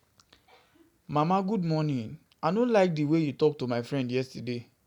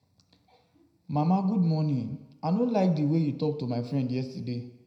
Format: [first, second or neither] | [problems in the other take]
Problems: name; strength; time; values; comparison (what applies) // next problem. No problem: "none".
first | room echo; dies away in 0.7 s